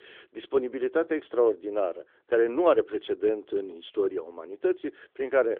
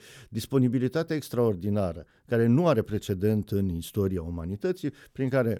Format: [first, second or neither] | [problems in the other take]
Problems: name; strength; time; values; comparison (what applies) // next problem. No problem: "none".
second | phone-call audio; nothing above 3.5 kHz